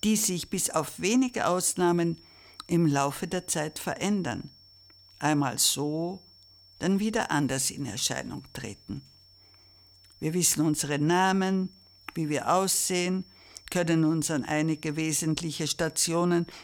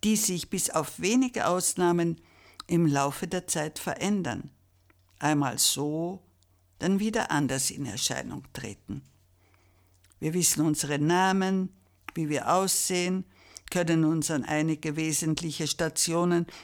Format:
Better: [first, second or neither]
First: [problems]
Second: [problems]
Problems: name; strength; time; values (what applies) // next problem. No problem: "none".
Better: second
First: high-pitched whine; faint; throughout; 5.5 kHz, 25 dB below the speech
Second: none